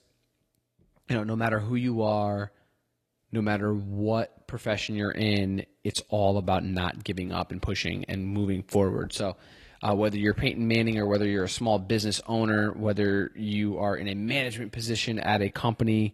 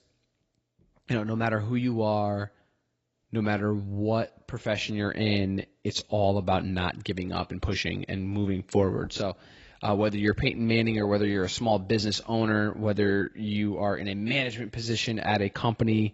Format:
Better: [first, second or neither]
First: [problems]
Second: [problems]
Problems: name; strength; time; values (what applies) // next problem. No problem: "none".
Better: first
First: garbled, watery; slightly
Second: garbled, watery; badly; nothing above 8 kHz